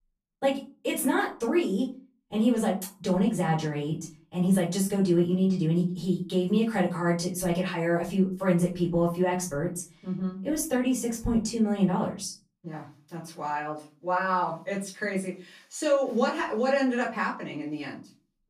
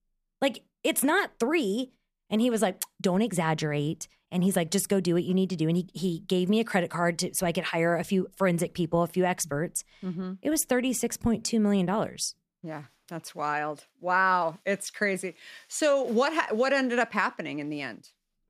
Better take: second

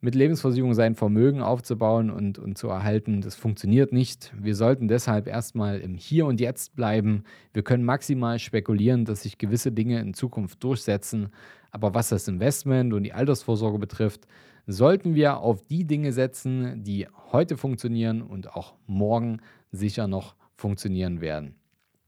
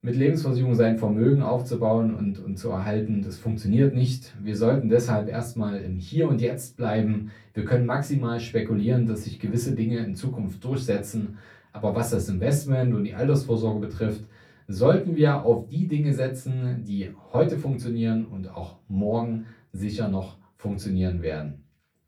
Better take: first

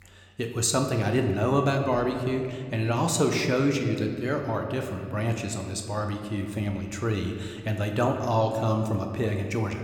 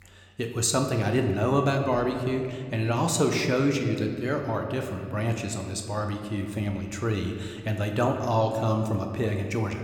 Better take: neither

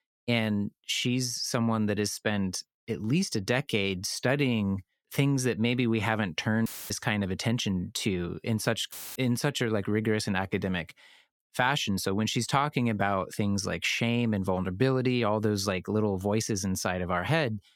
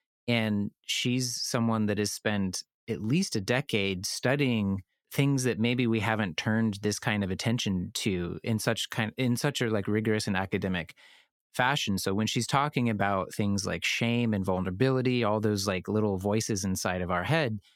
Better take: second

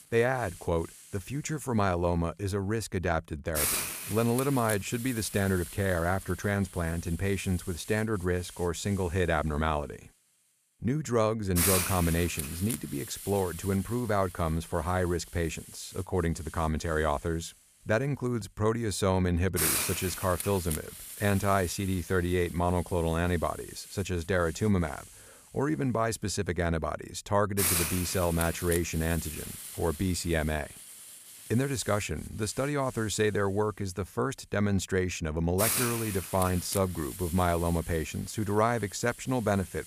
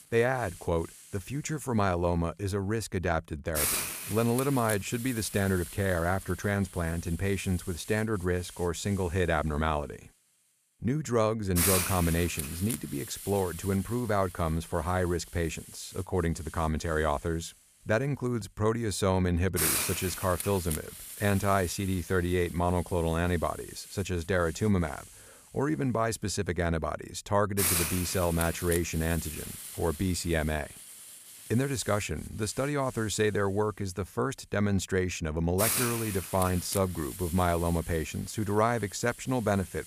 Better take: neither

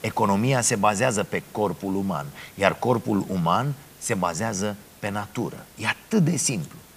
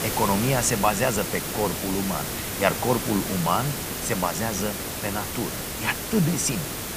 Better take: first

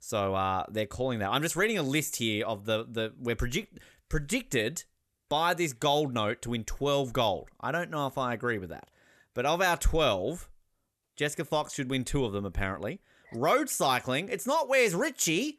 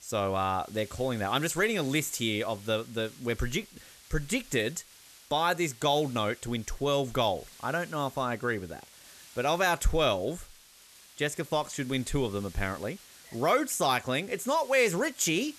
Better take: first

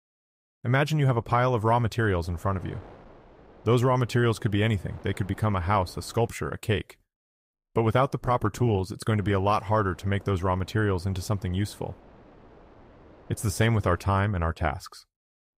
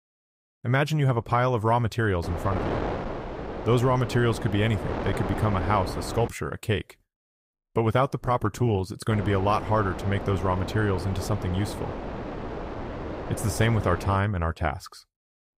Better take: first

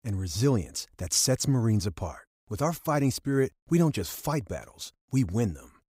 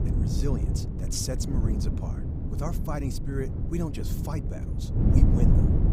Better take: first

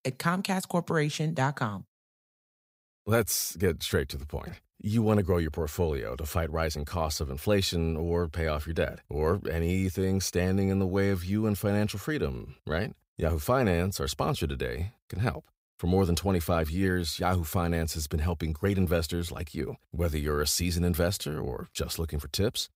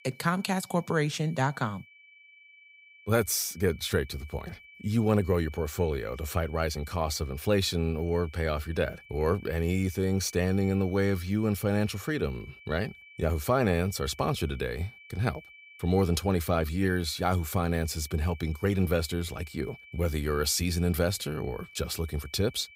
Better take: first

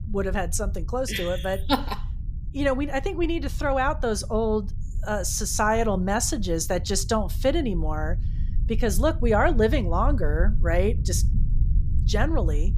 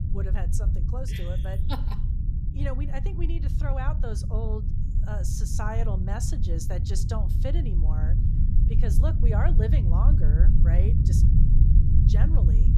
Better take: first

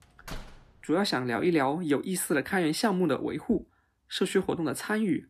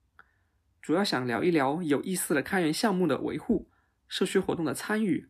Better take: second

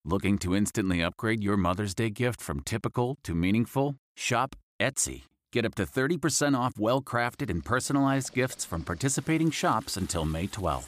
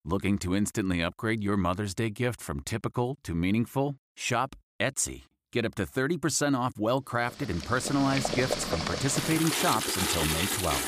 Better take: first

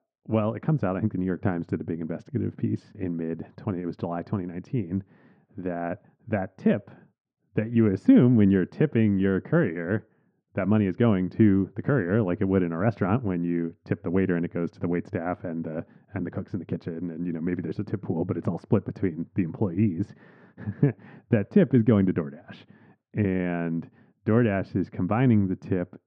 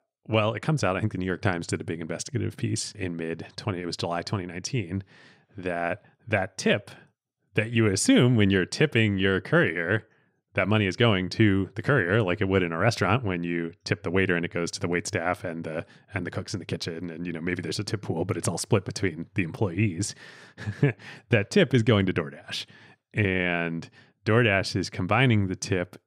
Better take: second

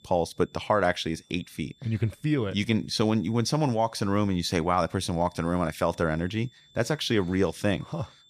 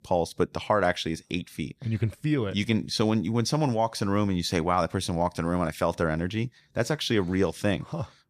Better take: second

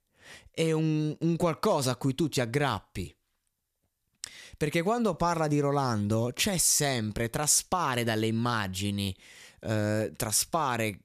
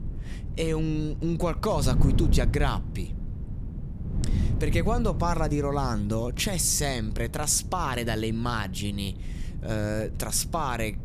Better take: first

